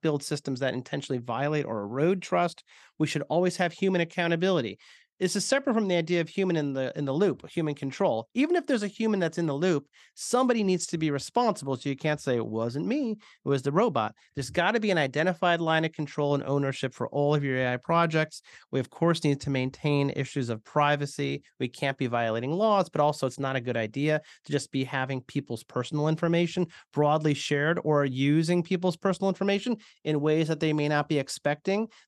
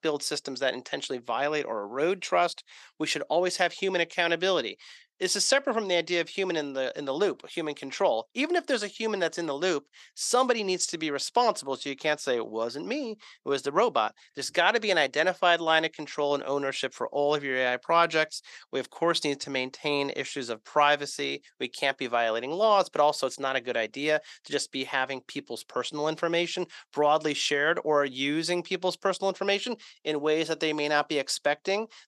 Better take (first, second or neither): first